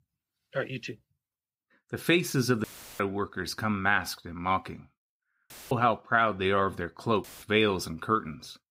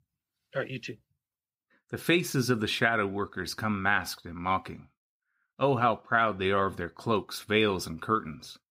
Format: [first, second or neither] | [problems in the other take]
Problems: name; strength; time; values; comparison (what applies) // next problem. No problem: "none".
second | audio cutting out; filled with static; at 2.5 s, at 5.5 s and at 7 s